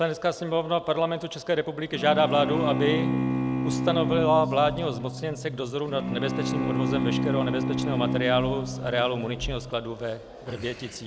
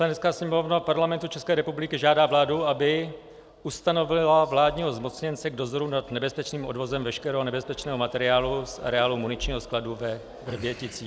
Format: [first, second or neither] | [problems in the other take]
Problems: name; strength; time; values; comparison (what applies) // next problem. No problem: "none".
second | background sound (Bowed string instrument); 1 dB below the speech